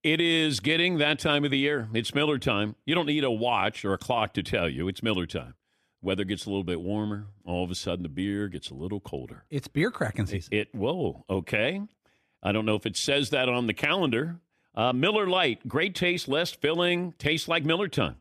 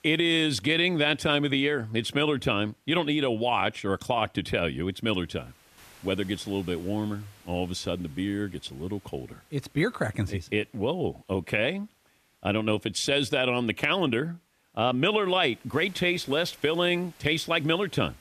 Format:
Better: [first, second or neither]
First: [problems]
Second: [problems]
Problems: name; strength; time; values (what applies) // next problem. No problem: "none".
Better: first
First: none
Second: hiss; faint; throughout; 30 dB below the speech